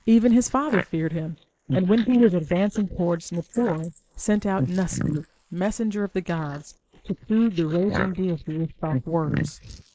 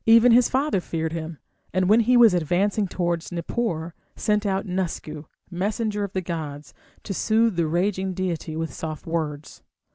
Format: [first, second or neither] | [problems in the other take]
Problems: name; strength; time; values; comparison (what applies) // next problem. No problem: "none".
second | noise reduction (neural mask model Resemble Enhance denoiser)